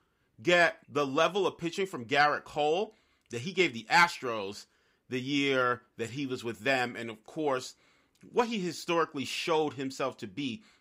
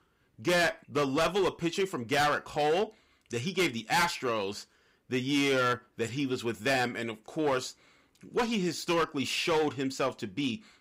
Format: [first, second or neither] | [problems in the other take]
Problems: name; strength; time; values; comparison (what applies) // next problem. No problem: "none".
first | distortion; heavy; 9% of the sound clipped